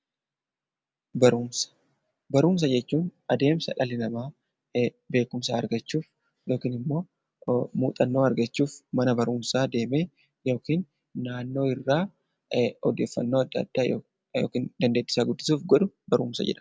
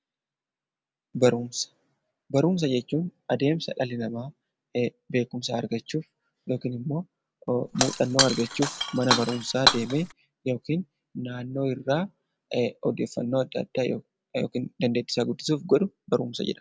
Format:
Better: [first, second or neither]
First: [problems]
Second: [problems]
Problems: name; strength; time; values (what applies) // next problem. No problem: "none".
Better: first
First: none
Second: background sound (Shatter); 1 dB above the speech